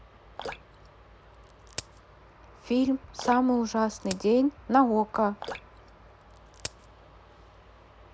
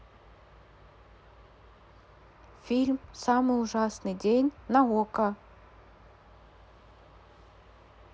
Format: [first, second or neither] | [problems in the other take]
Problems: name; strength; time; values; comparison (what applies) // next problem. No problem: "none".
second | background sound (Drip + Crack); 16 dB below the speech